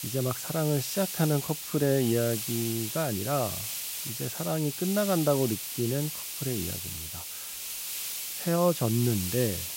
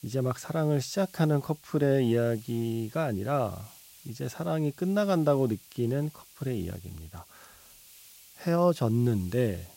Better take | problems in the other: second | hiss; loud; throughout; 4 dB below the speech; faint in the second

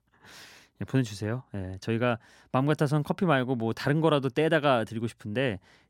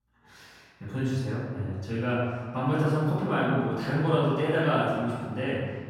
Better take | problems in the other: first | room echo; strong; dies away in 1.7 s // off-mic speech; far

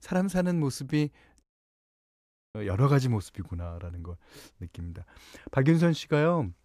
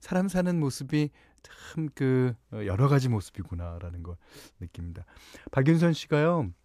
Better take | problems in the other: second | audio cutting out; at 1.5 s for 1 s

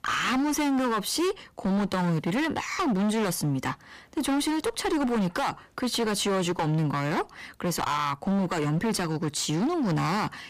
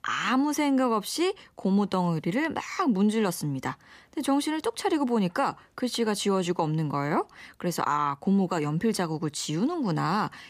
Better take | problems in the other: second | distortion; heavy; 23% of the sound clipped

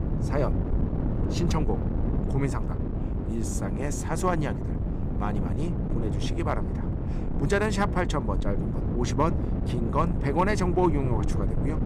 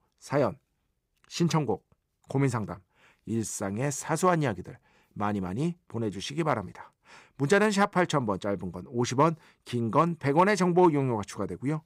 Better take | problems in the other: second | wind noise on the microphone; heavy; 7 dB below the speech

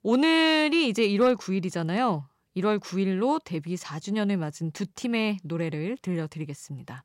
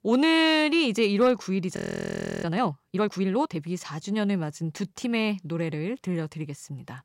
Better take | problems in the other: first | audio freezing; at 2 s for 0.5 s

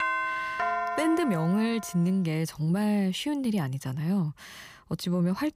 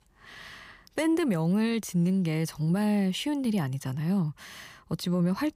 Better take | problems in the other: second | doorbell; loud; until 2 s; peak 1 dB above the speech

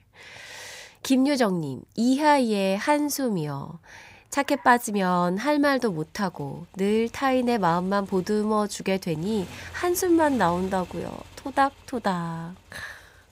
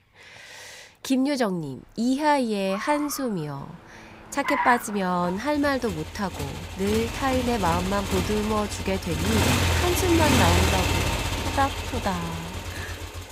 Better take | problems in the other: first | traffic noise; loud; throughout; 1 dB below the speech; faint in the first

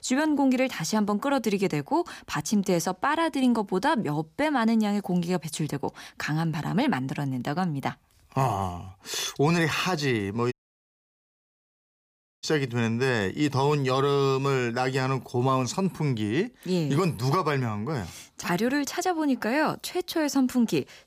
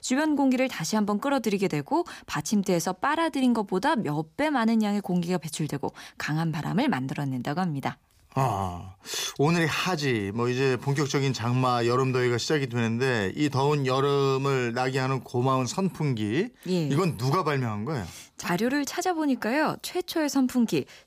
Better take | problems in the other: second | audio cutting out; at 11 s for 2 s

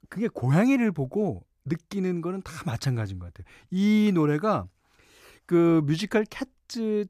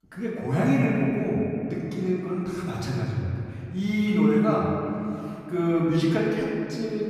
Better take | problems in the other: first | off-mic speech; far // room echo; noticeable; dies away in 2.7 s

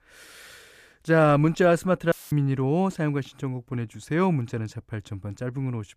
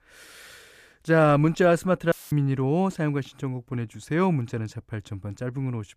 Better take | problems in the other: neither | audio cutting out; filled with static; at 2 s; the same in both

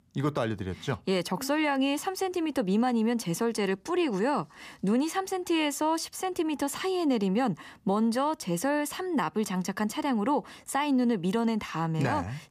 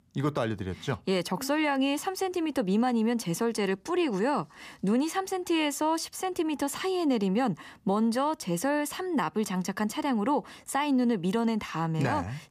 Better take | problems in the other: neither | none

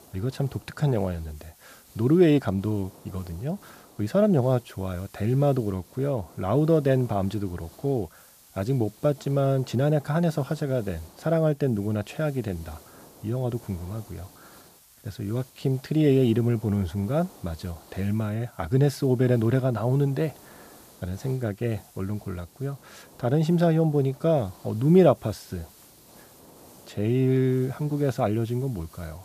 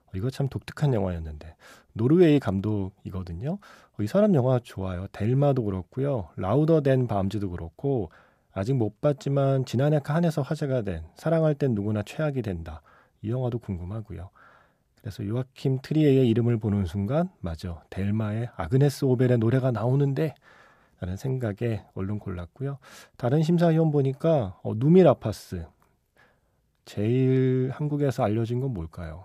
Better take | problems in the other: second | hiss; faint; throughout; 25 dB below the speech

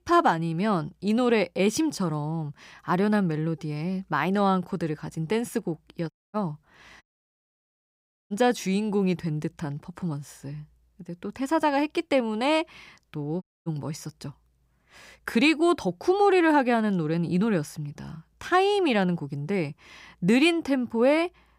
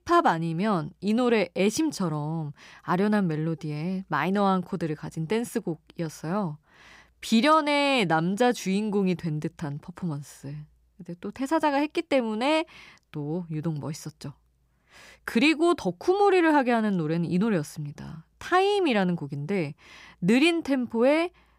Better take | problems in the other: second | audio cutting out; at 6 s, at 7 s for 1.5 s and at 13 s

